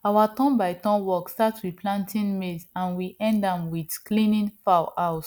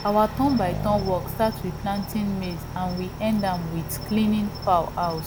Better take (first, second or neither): first